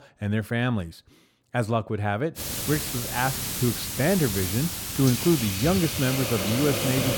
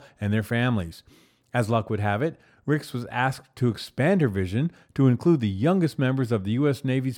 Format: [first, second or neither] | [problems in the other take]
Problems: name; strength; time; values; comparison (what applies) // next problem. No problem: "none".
second | hiss; loud; from 2.5 s on; 2 dB below the speech